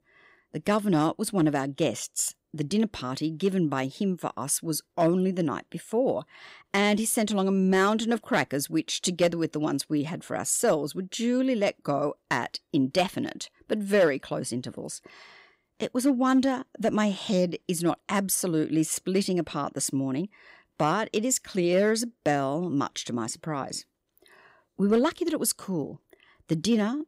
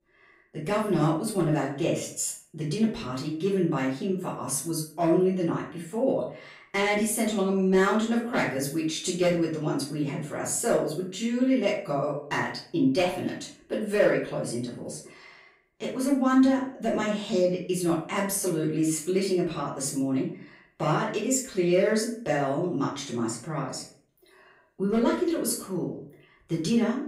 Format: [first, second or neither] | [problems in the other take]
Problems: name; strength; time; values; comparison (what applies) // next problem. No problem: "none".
first | off-mic speech; far // room echo; noticeable; dies away in 0.4 s